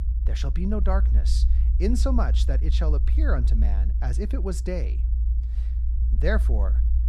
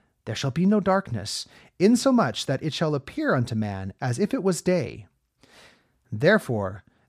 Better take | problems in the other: second | low rumble; noticeable; throughout; 10 dB below the speech

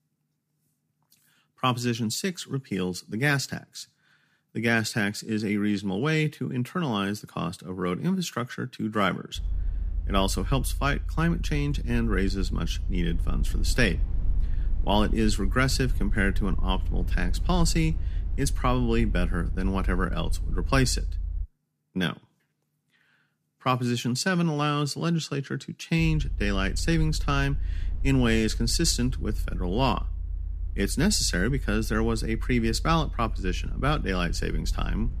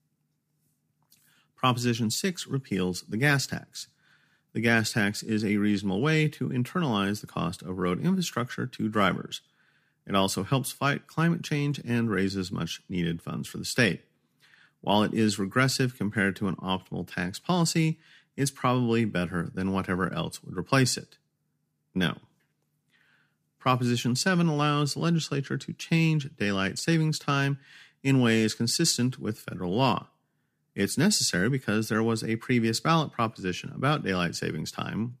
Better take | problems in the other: second | low rumble; faint; from 9.5 to 21 s and from 26 s on; 25 dB below the speech

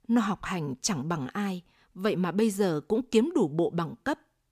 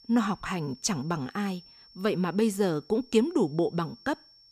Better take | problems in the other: first | high-pitched whine; faint; throughout; 5.5 kHz, 25 dB below the speech

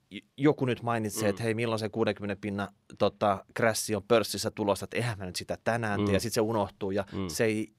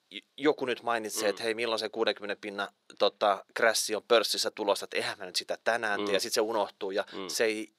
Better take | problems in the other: first | thin; somewhat; fading below 450 Hz

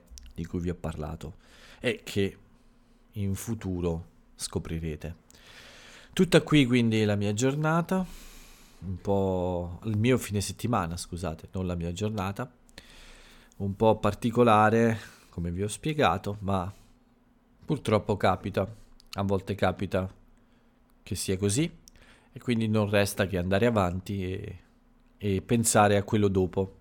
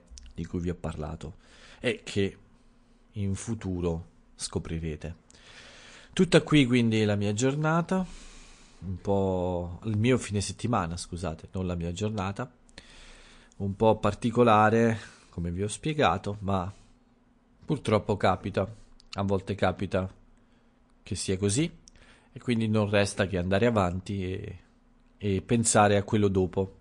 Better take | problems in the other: first | garbled, watery; slightly; nothing above 8.5 kHz

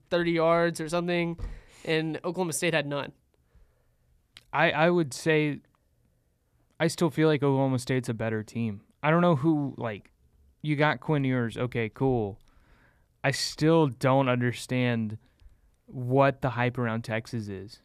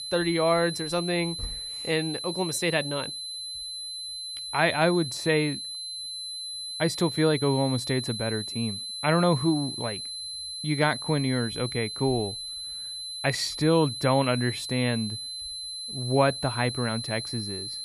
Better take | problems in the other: first | high-pitched whine; loud; throughout; 4 kHz, 6 dB below the speech

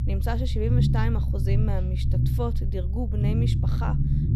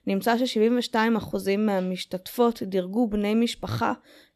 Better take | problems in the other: second | low rumble; loud; throughout; 3 dB below the speech

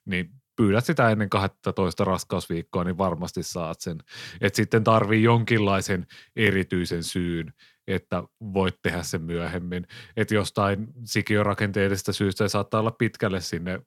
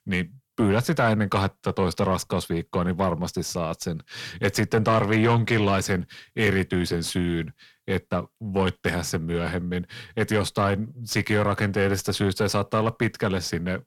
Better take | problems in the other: first | distortion; slight; 10 dB below the speech

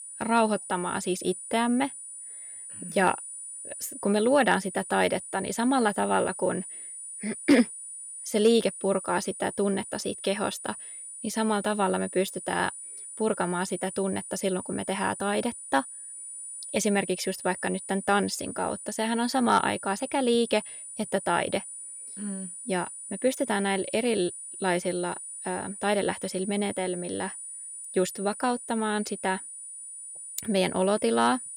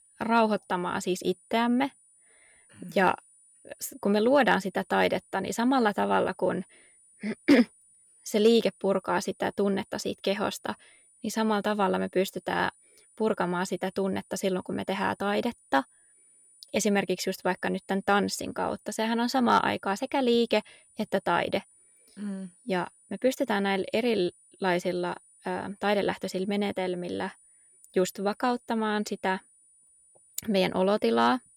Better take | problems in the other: second | high-pitched whine; loud; throughout; 9.5 kHz, 10 dB below the speech; faint in the second

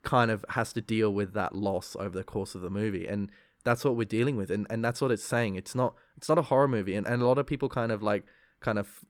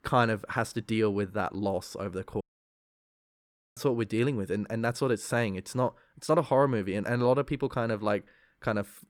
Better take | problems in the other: first | audio cutting out; at 2.5 s for 1.5 s

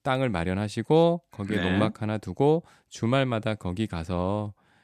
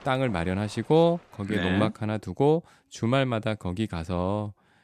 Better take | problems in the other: first | rain or running water; faint; throughout; 25 dB below the speech

